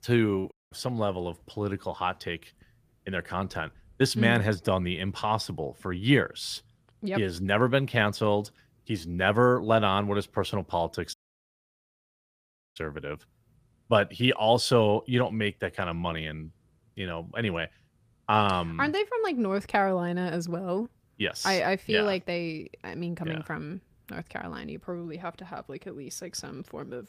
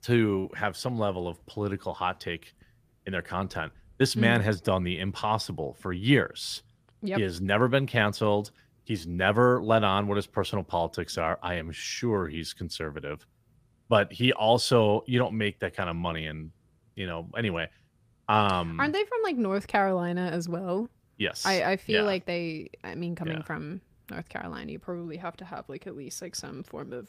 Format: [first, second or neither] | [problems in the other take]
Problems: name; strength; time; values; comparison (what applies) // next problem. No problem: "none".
second | audio cutting out; at 0.5 s and at 11 s for 1.5 s